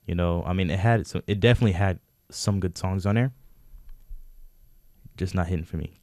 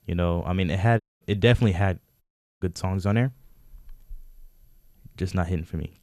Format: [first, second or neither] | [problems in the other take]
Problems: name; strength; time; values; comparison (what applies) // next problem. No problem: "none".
first | audio cutting out; at 1 s and at 2 s